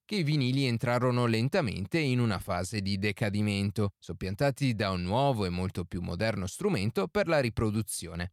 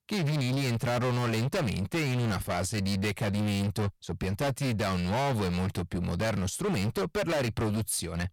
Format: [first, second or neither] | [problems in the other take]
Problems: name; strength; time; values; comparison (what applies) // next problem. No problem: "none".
first | distortion; heavy; 33% of the sound clipped